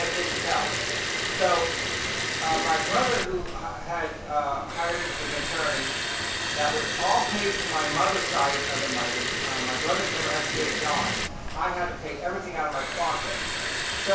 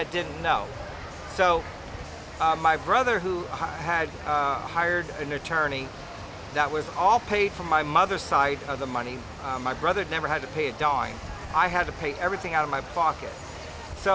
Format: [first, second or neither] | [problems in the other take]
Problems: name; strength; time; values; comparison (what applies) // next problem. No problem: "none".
second | background sound (Liquid); 1 dB below the speech // room echo; dies away in 0.7 s